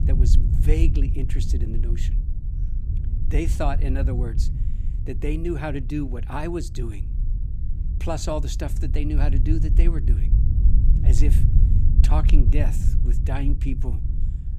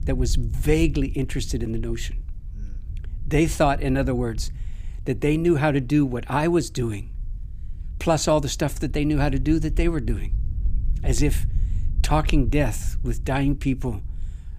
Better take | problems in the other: second | low rumble; loud; throughout; 8 dB below the speech; faint in the second

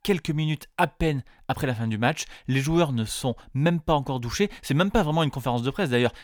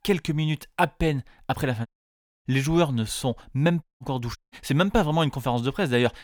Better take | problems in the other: first | audio cutting out; at 2 s for 0.5 s, at 4 s and at 4.5 s

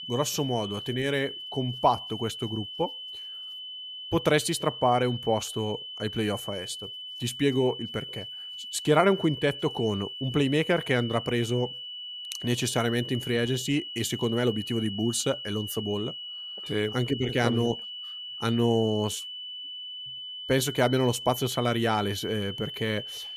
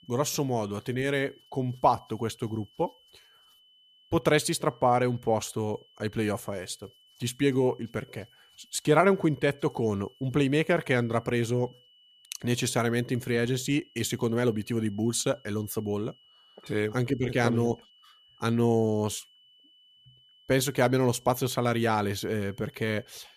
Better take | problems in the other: second | high-pitched whine; loud; throughout; 3 kHz, 8 dB below the speech; faint in the second

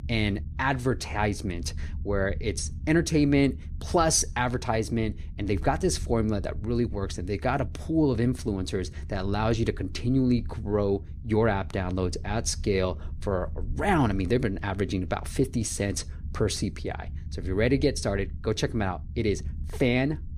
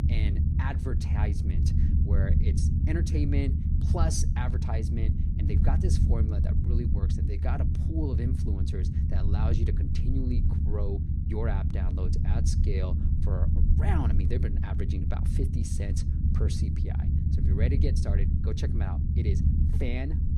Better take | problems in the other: first | low rumble; loud; throughout; 2 dB below the speech; faint in the first

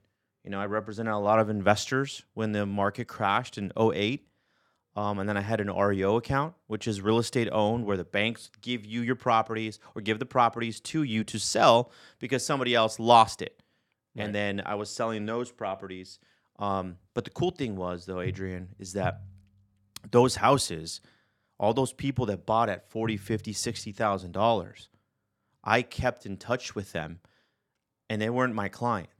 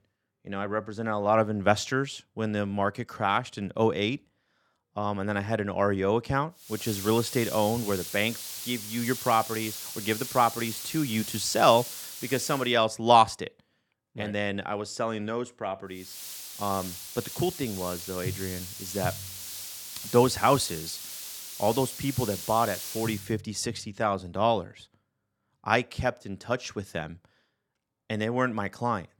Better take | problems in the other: first | hiss; loud; from 6.5 to 13 s and from 16 to 23 s; 8 dB below the speech

